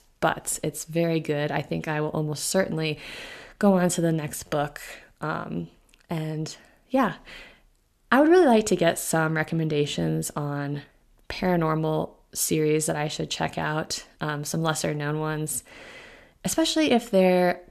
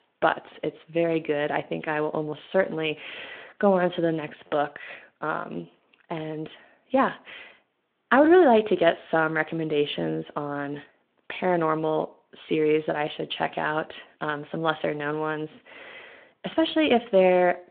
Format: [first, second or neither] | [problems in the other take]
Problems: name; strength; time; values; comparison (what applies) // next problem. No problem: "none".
first | phone-call audio